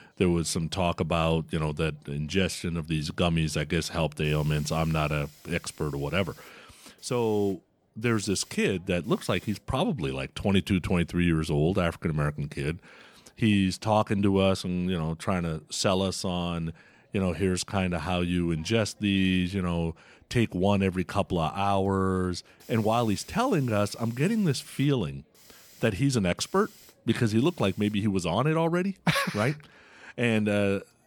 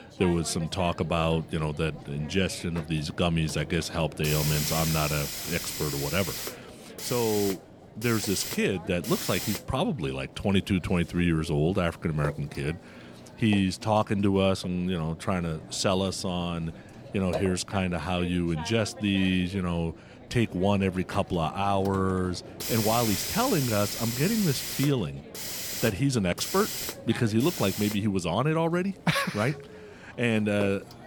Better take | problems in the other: first | hiss; loud; throughout; 7 dB below the speech; faint in the first

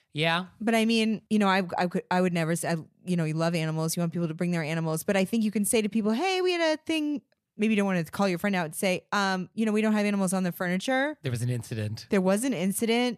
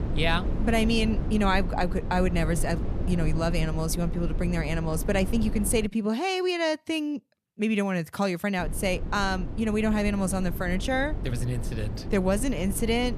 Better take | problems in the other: first | low rumble; noticeable; until 6 s and from 8.5 s on; 15 dB below the speech

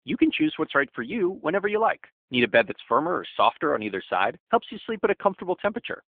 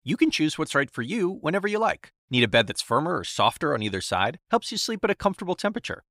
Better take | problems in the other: second | phone-call audio; nothing above 3.5 kHz

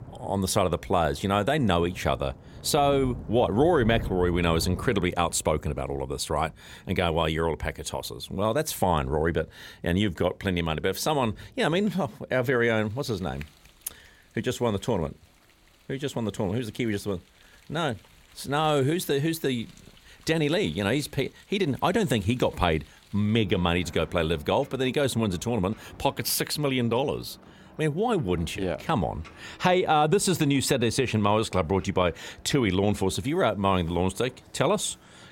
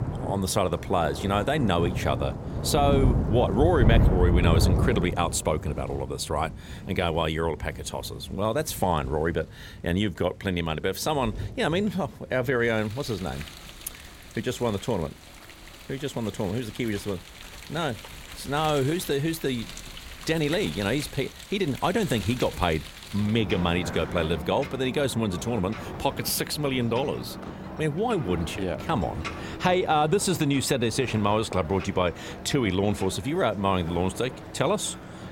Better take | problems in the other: first | rain or running water; loud; throughout; 6 dB below the speech; faint in the first

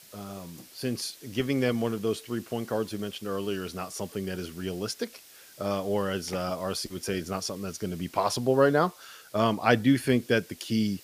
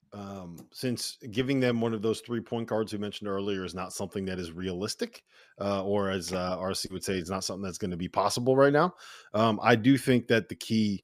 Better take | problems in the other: second | hiss; faint; throughout; 20 dB below the speech

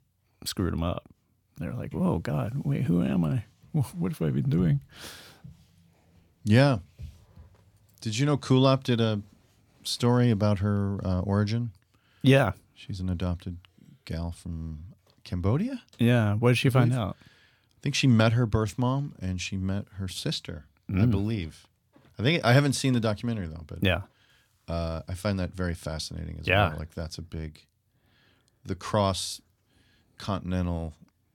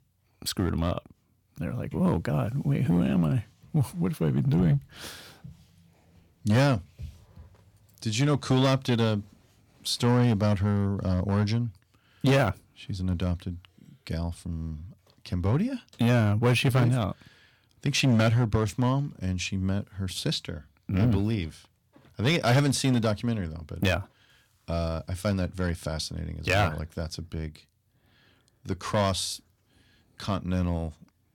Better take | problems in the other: first | distortion; slight; 4% of the sound clipped

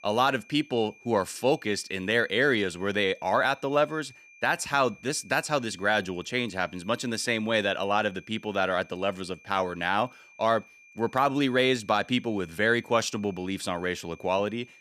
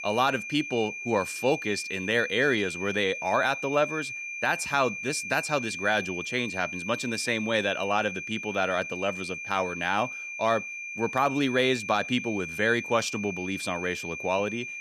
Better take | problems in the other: first | high-pitched whine; loud; throughout; 2.5 kHz, 7 dB below the speech; faint in the first

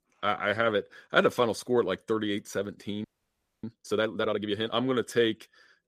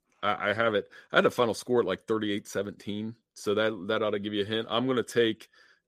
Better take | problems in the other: second | audio freezing; at 3 s for 0.5 s

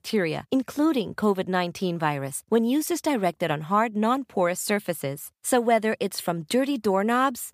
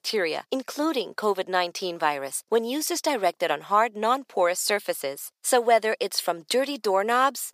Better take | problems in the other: first | thin; somewhat; fading below 500 Hz

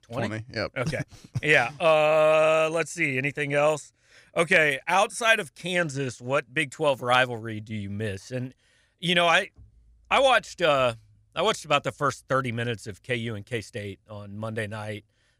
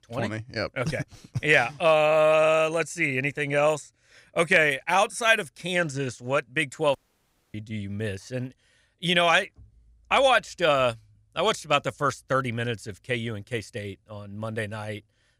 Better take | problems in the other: first | audio cutting out; at 7 s for 0.5 s

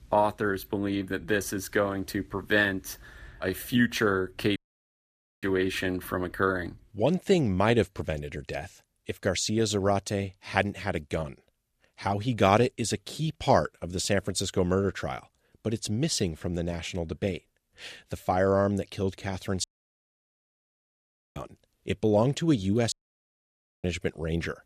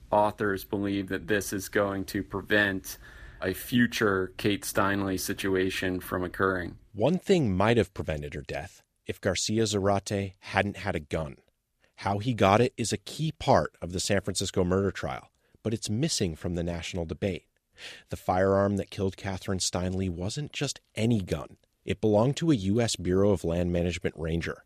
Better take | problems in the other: second | audio cutting out; at 4.5 s for 1 s, at 20 s for 1.5 s and at 23 s for 1 s

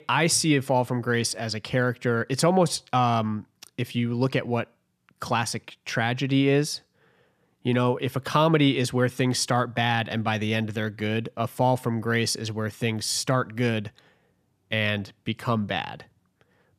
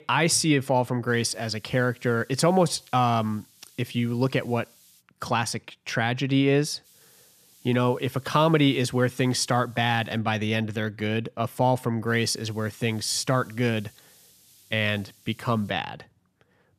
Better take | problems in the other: first | hiss; faint; from 1 to 5 s, from 7 to 10 s and from 12 to 16 s; 30 dB below the speech

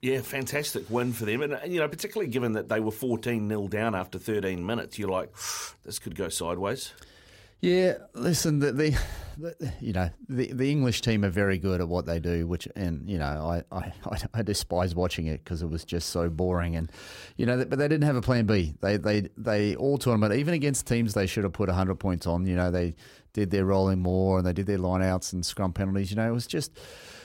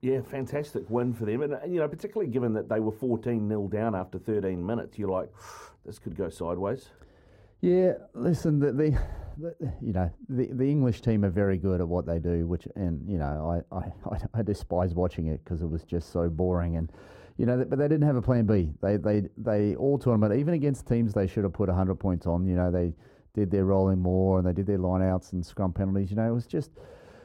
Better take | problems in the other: first | muffled; very; fading above 1.5 kHz

